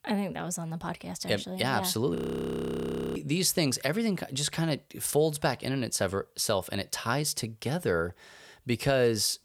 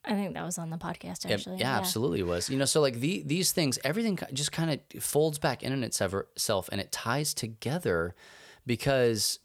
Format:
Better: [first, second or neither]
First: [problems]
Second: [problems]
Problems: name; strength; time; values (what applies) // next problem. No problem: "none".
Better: second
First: audio freezing; at 2 s for 1 s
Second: none